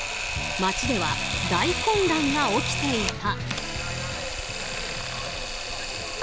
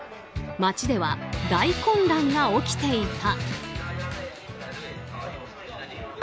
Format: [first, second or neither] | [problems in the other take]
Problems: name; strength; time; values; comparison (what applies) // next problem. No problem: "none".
second | background sound (Camera); 2 dB below the speech